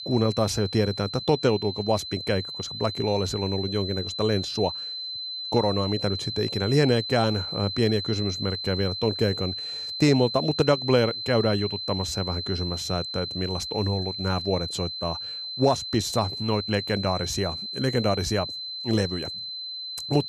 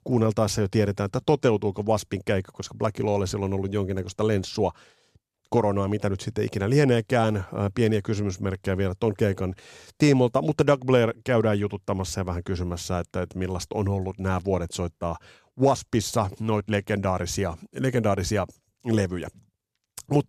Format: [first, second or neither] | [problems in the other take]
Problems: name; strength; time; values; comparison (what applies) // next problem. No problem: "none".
second | high-pitched whine; loud; throughout; 4 kHz, 5 dB below the speech